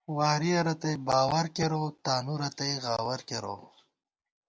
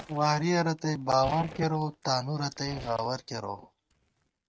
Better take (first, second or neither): first